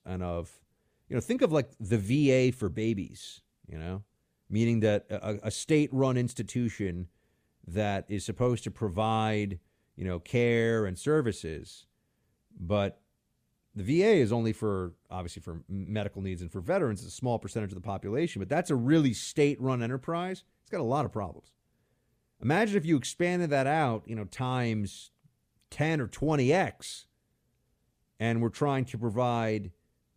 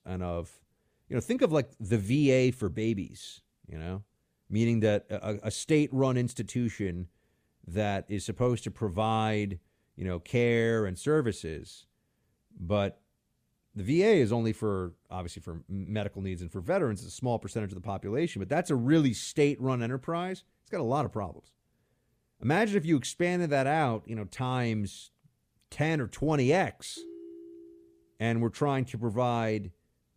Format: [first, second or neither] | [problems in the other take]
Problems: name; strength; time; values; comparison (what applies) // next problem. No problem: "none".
first | phone ringing; faint; at 27 s; peak 15 dB below the speech